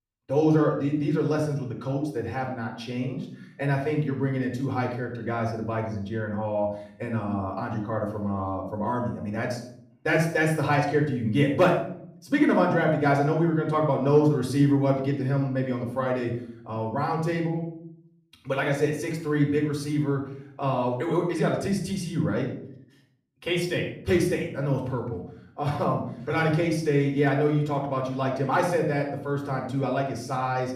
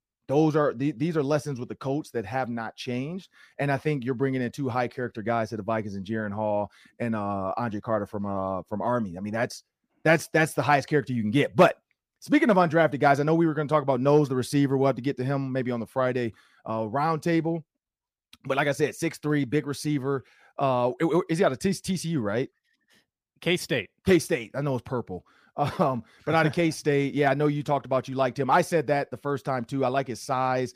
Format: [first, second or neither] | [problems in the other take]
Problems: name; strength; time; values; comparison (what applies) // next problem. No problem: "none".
second | off-mic speech; somewhat distant // room echo; noticeable; dies away in 0.6 s